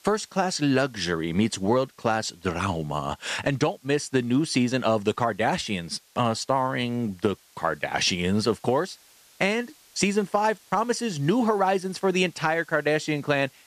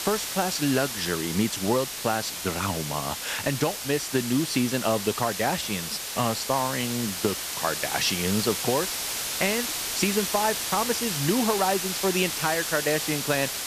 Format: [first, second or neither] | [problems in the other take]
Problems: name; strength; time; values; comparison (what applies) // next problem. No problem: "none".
first | hiss; loud; throughout; 2 dB below the speech; faint in the first